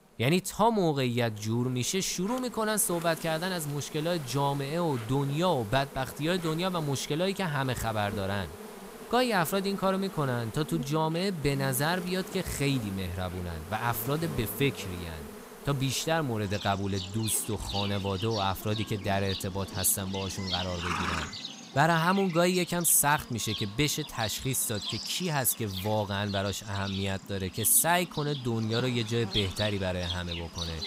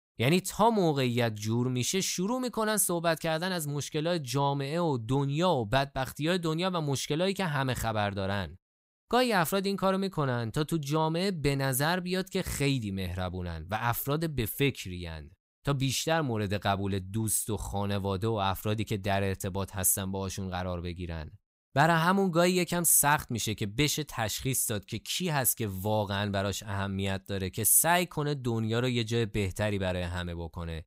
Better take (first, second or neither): second